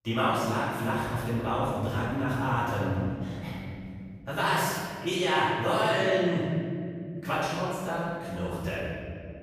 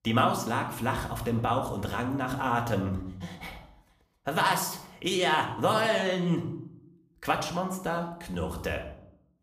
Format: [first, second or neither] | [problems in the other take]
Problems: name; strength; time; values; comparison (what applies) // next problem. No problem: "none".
second | room echo; strong; dies away in 3 s; slight in the second // off-mic speech; far; somewhat distant in the second